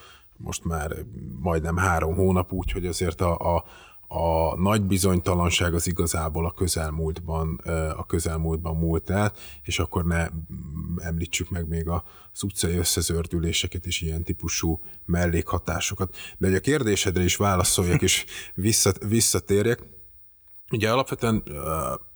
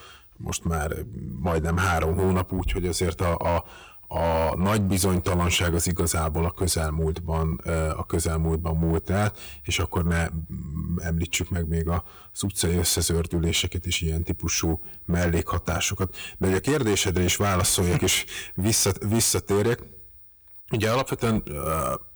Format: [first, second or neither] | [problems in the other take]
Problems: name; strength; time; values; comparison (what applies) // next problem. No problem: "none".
first | distortion; slight; 10% of the sound clipped